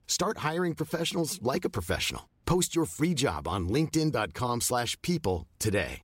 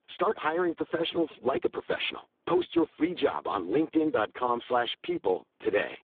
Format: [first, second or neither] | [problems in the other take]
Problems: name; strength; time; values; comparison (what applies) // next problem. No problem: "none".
first | phone-call audio; poor line